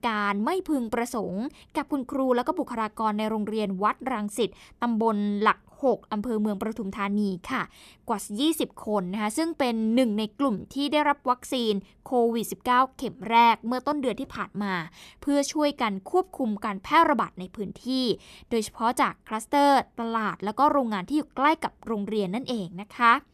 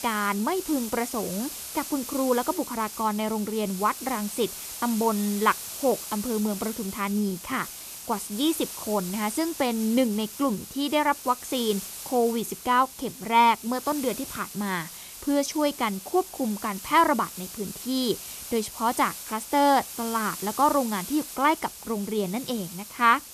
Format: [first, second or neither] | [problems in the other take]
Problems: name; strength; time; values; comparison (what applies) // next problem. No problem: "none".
first | hiss; loud; throughout; 10 dB below the speech